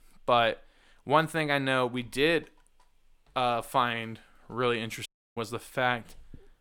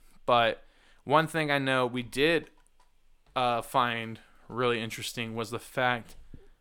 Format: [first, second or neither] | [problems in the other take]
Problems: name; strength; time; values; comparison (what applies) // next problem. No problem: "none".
second | audio cutting out; at 5 s